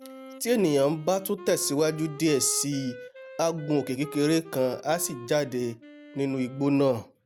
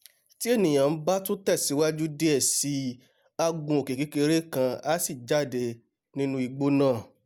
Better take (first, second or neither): second